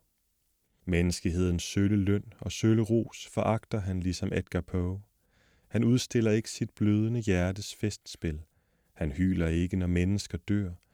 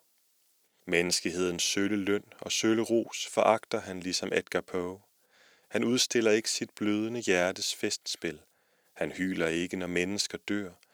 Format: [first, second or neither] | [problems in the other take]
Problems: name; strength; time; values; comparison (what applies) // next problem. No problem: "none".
first | thin; somewhat; fading below 400 Hz